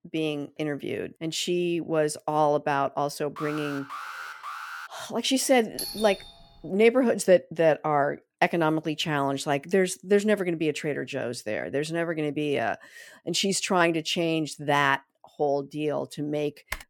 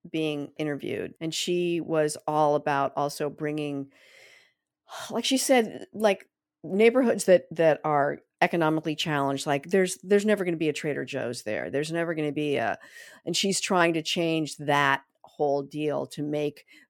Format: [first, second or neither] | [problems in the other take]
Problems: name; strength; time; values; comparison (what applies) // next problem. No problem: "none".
second | alarm; faint; from 3.5 to 5 s; peak 10 dB below the speech // doorbell; noticeable; at 6 s; peak 7 dB below the speech // keyboard typing; faint; at 16 s; peak 10 dB below the speech